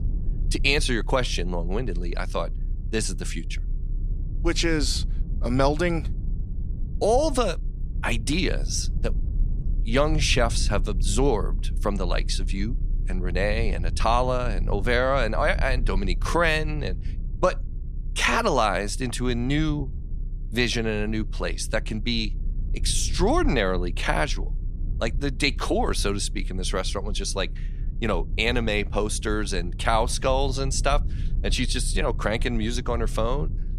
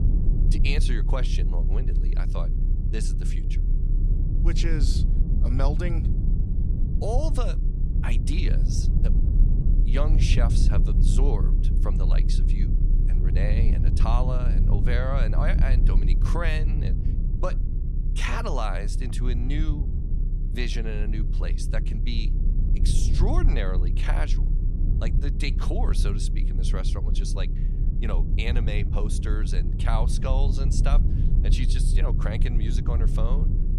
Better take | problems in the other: first | low rumble; loud; throughout; 6 dB below the speech; faint in the first

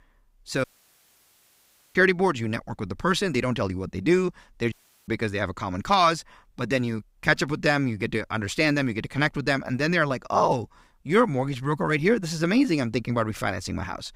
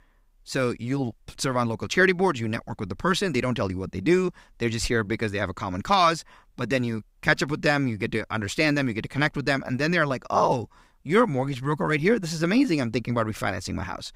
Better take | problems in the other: second | audio cutting out; at 0.5 s for 1.5 s and at 4.5 s

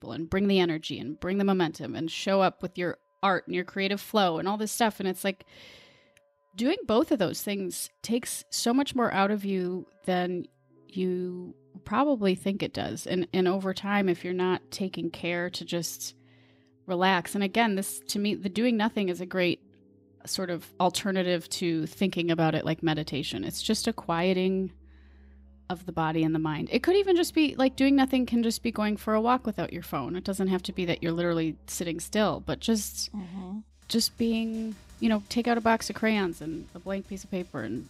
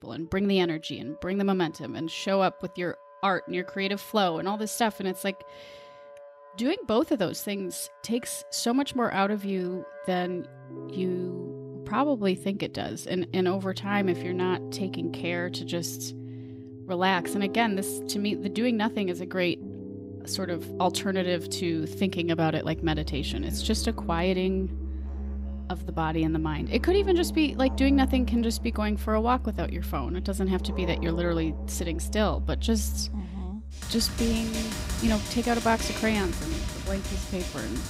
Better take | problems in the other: first | background music; loud; throughout; 7 dB below the speech; faint in the first

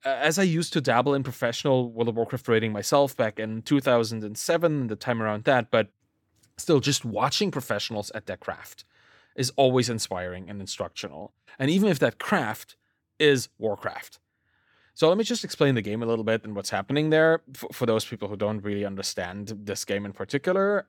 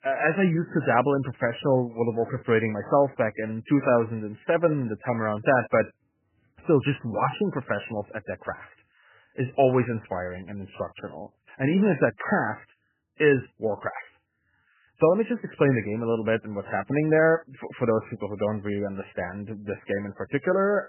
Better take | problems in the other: first | garbled, watery; badly; nothing above 3 kHz

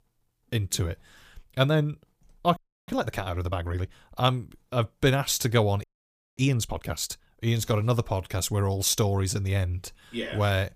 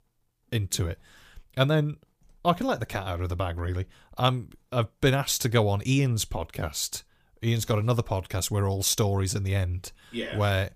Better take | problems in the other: second | audio freezing; at 2.5 s and at 6 s for 0.5 s

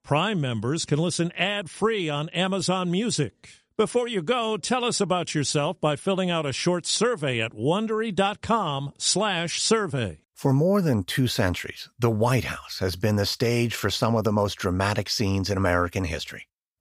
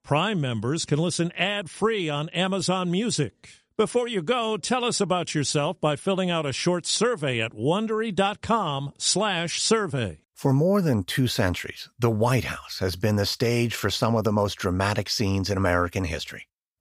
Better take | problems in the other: neither | none

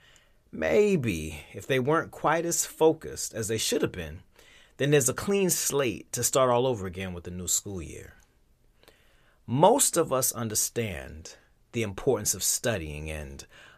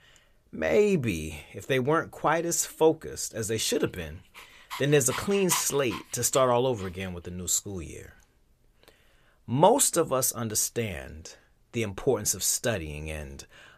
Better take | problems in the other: first | dog barking; noticeable; from 4.5 to 7 s; peak 7 dB below the speech

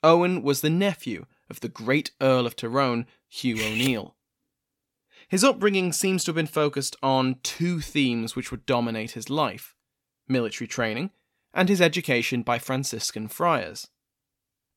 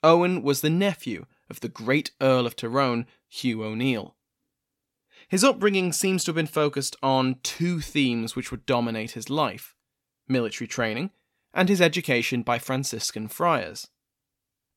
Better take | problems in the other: second | clattering dishes; noticeable; at 3.5 s; peak 2 dB below the speech

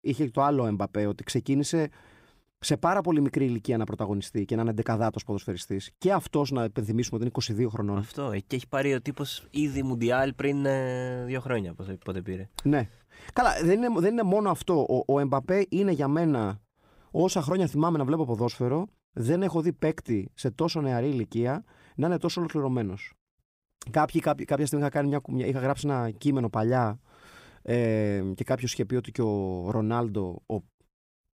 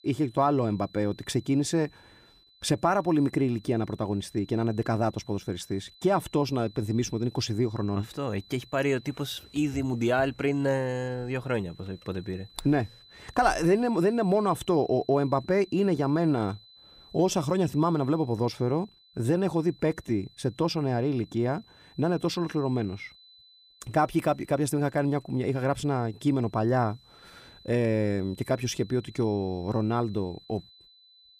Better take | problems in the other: first | high-pitched whine; faint; throughout; 4 kHz, 25 dB below the speech

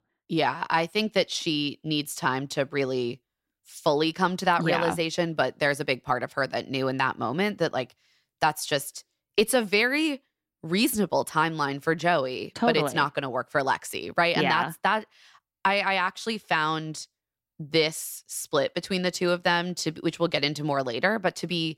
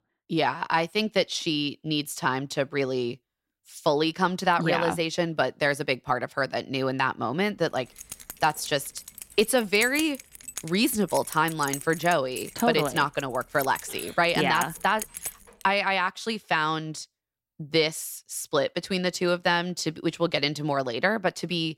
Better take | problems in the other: first | jangling keys; noticeable; from 8 to 16 s; peak 7 dB below the speech

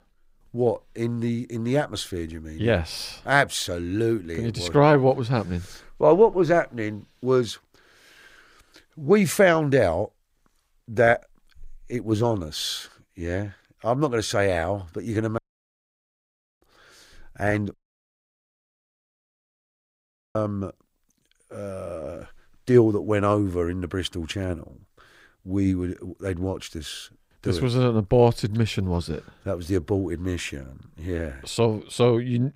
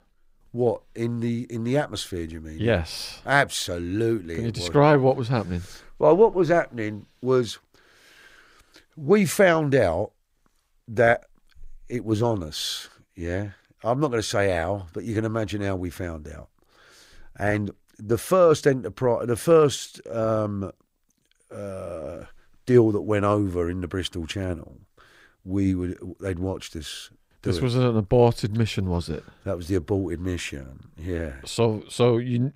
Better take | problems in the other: second | audio cutting out; at 15 s for 1 s and at 18 s for 2.5 s

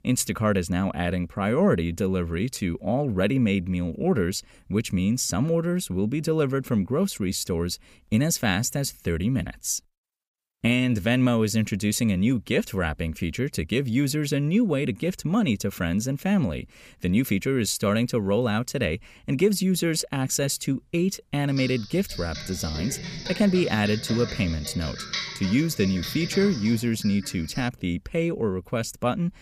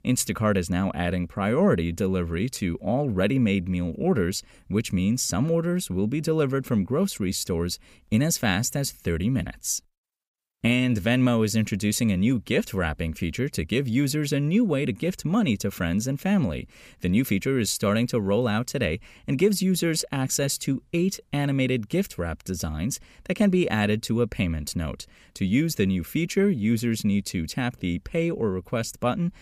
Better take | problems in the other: second | keyboard typing; noticeable; from 22 to 28 s; peak 4 dB below the speech

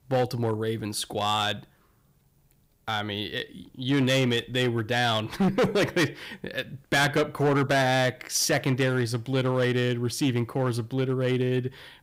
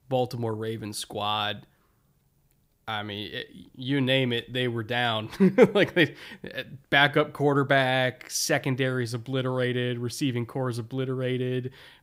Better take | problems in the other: second | distortion; heavy; 7% of the sound clipped

